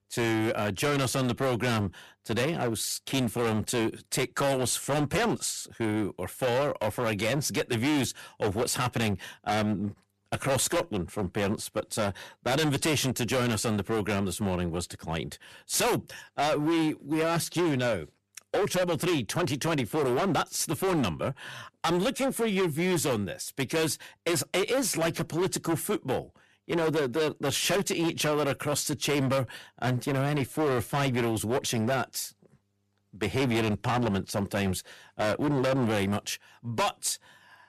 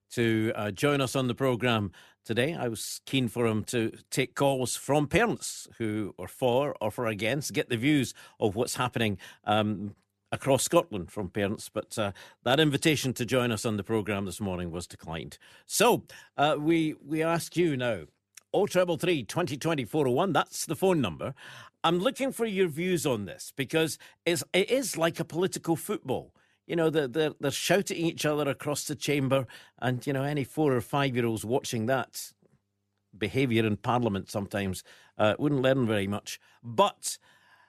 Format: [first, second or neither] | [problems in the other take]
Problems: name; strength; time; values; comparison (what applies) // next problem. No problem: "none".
second | distortion; heavy; 17% of the sound clipped